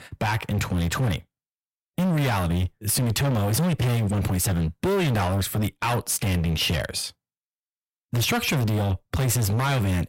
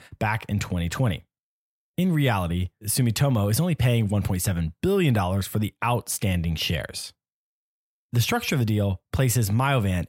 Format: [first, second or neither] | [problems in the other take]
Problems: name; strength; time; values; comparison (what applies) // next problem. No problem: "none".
second | distortion; heavy; 27% of the sound clipped